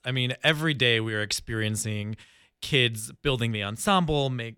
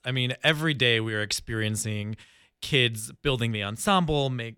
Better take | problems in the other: neither | none

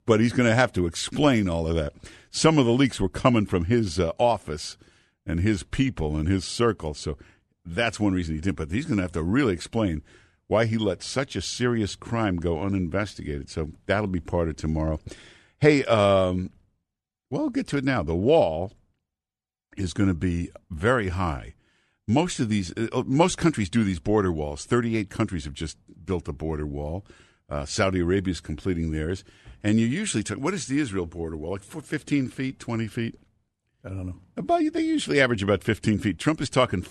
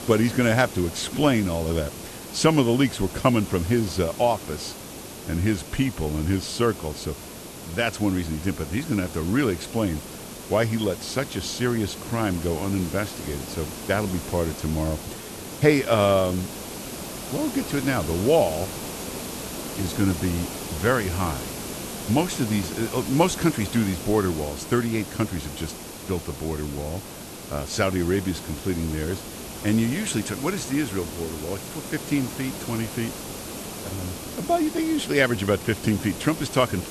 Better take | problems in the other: first | hiss; loud; throughout; 10 dB below the speech

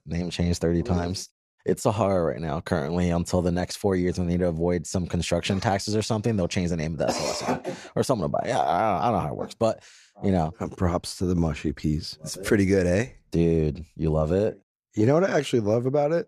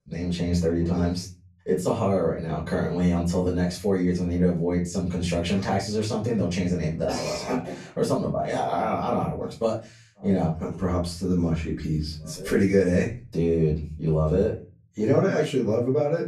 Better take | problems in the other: first | off-mic speech; far // room echo; slight; dies away in 0.3 s

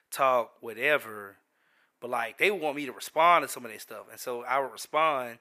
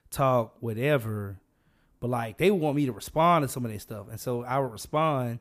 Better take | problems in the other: second | thin; very; fading below 500 Hz

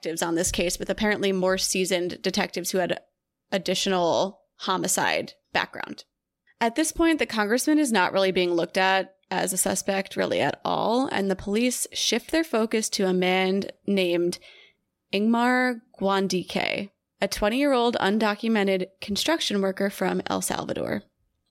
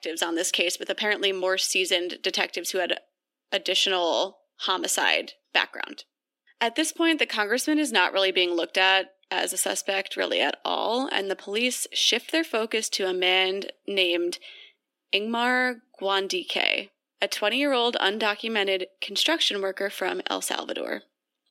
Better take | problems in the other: first | thin; very slightly; fading below 250 Hz

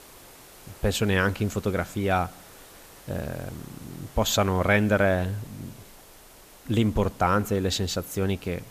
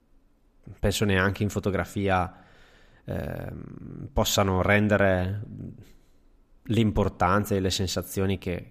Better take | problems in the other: second | hiss; faint; throughout; 20 dB below the speech

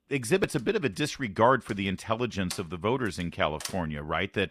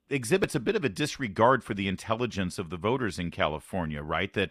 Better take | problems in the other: second | door banging; faint; from 1.5 to 3.5 s; peak 10 dB below the speech

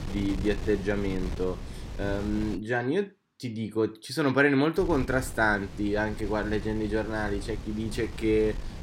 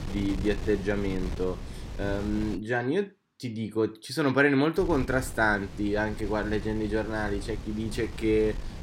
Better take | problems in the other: neither | wind noise on the microphone; occasional gusts; until 2.5 s and from 5 s on; 15 dB below the speech; the same in both

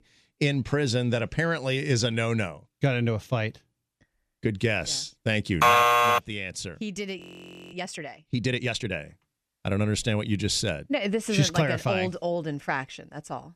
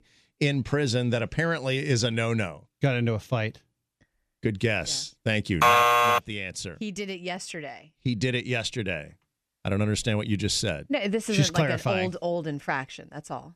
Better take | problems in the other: second | audio freezing; at 7 s for 0.5 s

